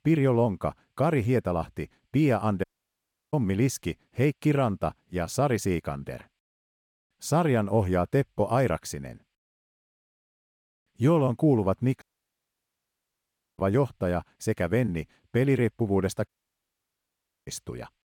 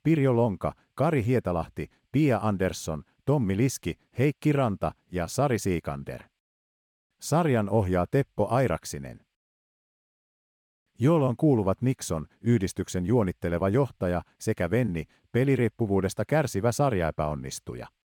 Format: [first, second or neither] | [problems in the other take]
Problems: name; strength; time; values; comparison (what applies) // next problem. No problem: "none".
second | audio cutting out; at 2.5 s for 0.5 s, at 12 s for 1.5 s and at 16 s for 1 s